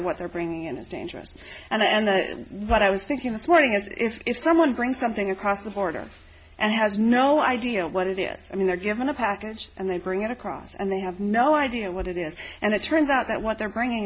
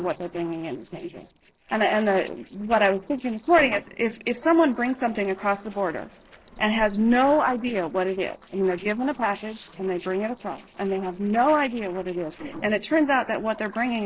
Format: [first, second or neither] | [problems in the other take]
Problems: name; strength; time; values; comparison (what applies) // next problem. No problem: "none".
first | noise reduction (neural separator model SepFormer DNS4)